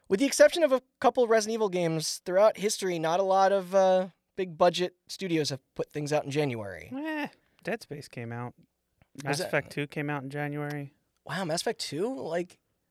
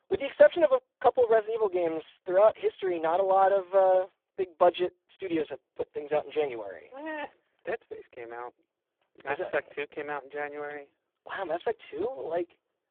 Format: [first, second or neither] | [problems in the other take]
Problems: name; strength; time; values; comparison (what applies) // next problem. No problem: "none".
first | phone-call audio; poor line